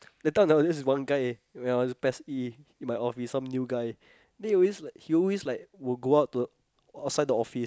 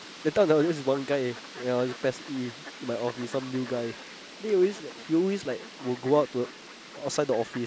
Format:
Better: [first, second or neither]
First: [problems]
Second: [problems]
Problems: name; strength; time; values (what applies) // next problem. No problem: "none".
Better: first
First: none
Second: background sound (Fowl); 15 dB below the speech